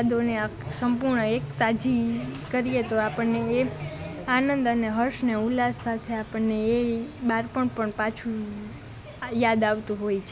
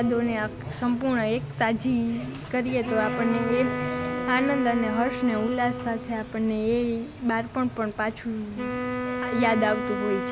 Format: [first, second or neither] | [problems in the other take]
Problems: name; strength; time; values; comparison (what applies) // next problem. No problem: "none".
first | background sound (Wind instrument, woodwind instrument); 7 dB below the speech